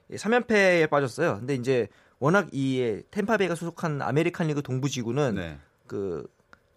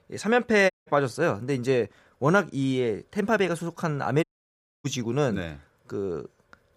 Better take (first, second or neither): first